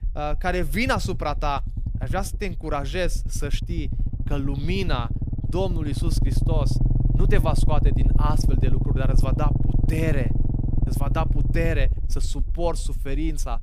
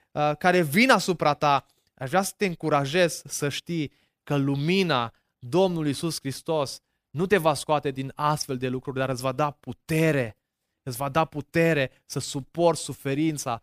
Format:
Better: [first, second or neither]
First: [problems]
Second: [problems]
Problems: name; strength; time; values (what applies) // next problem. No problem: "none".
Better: second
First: low rumble; loud; throughout; 8 dB below the speech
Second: none